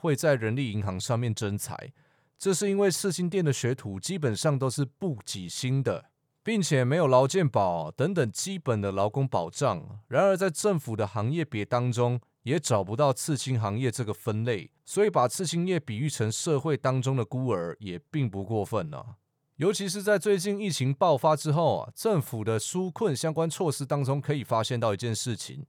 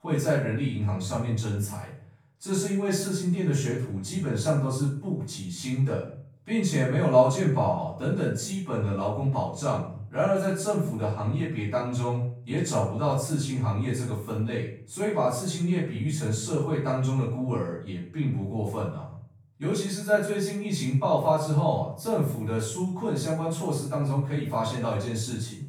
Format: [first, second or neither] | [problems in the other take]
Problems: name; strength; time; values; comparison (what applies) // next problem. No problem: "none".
first | off-mic speech; far // room echo; noticeable; dies away in 0.5 s